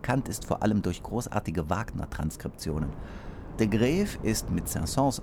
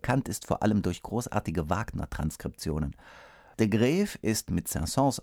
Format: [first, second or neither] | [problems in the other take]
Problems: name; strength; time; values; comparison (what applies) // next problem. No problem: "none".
second | wind noise on the microphone; occasional gusts; 15 dB below the speech